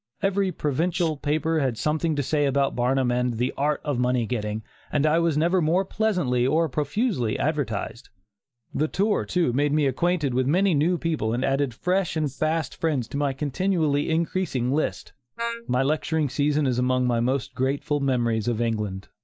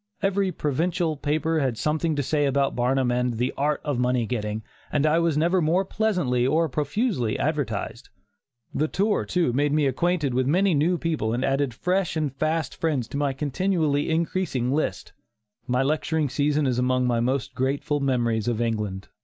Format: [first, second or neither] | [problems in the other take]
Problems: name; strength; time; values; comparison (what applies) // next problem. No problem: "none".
second | noise reduction (neural mask model Resemble Enhance denoiser)